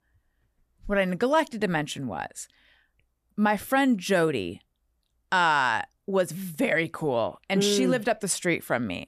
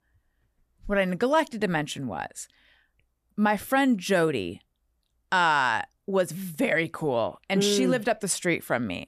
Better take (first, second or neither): neither